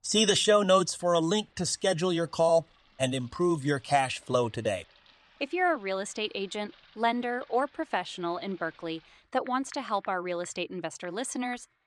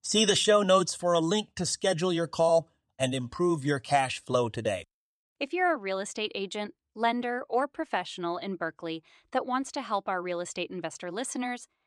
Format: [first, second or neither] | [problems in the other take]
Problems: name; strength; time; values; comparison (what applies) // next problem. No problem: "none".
second | household noises; faint; throughout; 30 dB below the speech